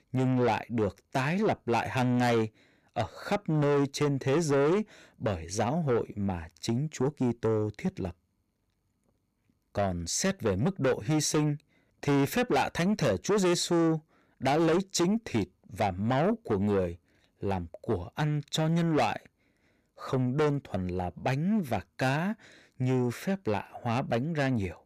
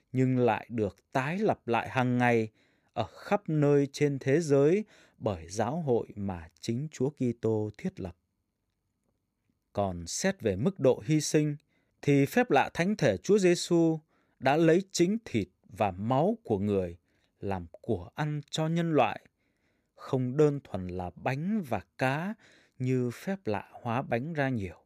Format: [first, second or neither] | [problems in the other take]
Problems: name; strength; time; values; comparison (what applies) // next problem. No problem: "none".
second | distortion; heavy; 8 dB below the speech